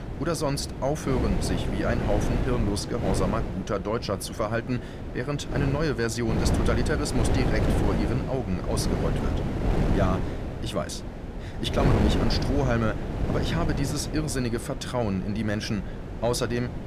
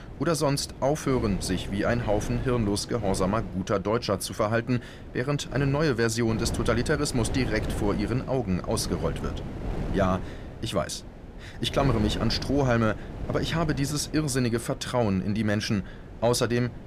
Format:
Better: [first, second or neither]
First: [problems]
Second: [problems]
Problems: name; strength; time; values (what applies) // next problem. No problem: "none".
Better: second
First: wind noise on the microphone; heavy; 4 dB below the speech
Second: wind noise on the microphone; occasional gusts; 15 dB below the speech